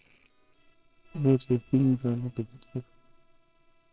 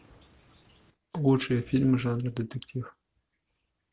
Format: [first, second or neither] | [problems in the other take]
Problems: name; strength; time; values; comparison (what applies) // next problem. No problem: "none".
second | noise reduction (neural separator model SepFormer WHAMR!)